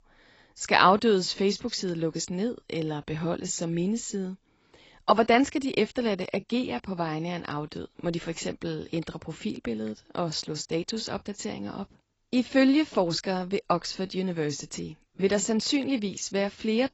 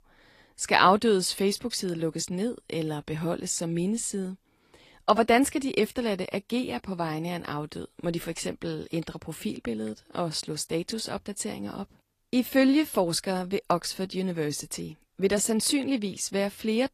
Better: second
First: garbled, watery; badly; nothing above 7.5 kHz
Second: garbled, watery; slightly; nothing above 14.5 kHz

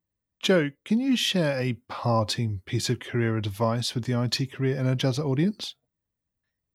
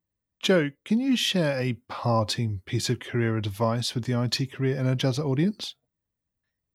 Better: neither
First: none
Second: none

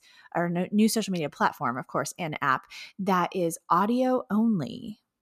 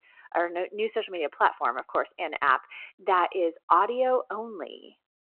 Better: first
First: none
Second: phone-call audio

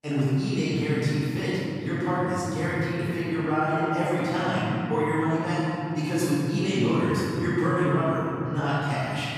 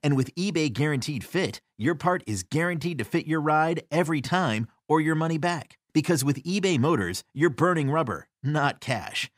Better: second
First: off-mic speech; far // room echo; strong; dies away in 2.6 s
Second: none

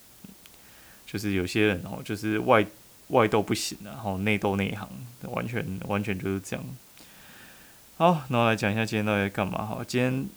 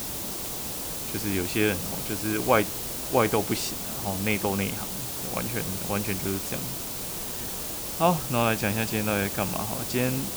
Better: first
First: hiss; faint; throughout; 25 dB below the speech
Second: hiss; loud; throughout; 3 dB below the speech

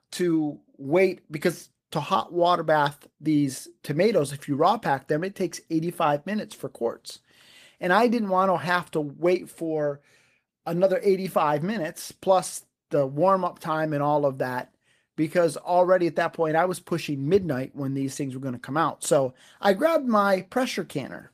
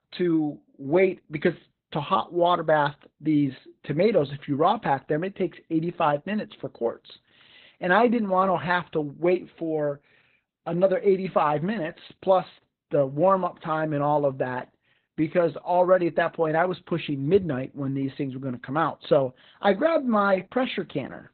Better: first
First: garbled, watery; slightly; nothing above 14.5 kHz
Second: garbled, watery; badly; nothing above 4 kHz

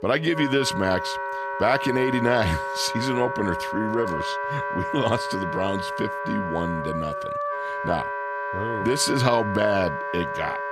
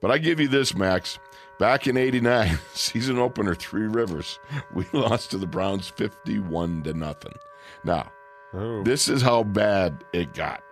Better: second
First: background music; loud; throughout; 3 dB below the speech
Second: background music; faint; throughout; 25 dB below the speech

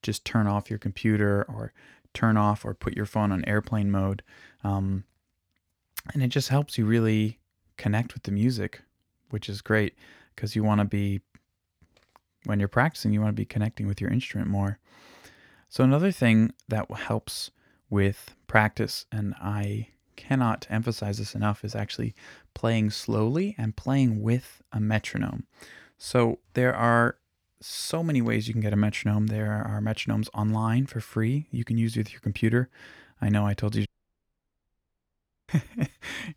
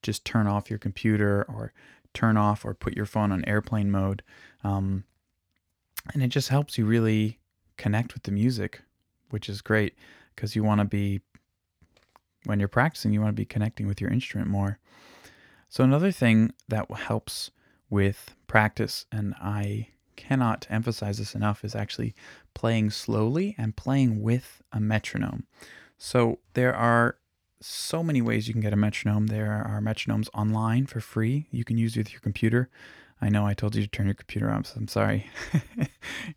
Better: second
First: audio cutting out; at 34 s for 1.5 s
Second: none

